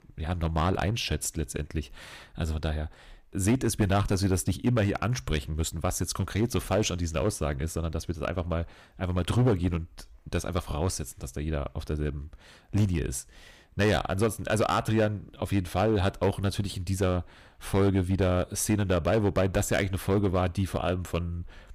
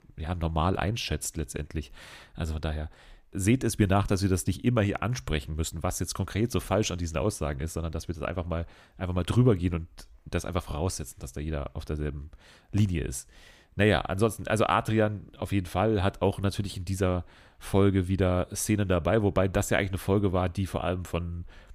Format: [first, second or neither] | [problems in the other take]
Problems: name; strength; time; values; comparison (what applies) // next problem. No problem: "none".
second | distortion; slight; 4% of the sound clipped